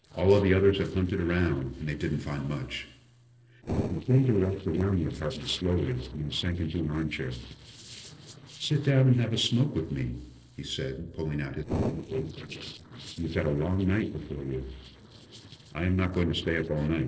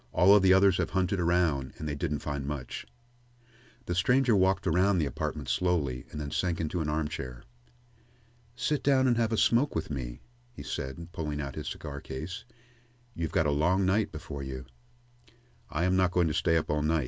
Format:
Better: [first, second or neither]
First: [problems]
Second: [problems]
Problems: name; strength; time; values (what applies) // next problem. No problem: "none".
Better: second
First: noise reduction (neural separator model SepFormer DNS4)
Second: none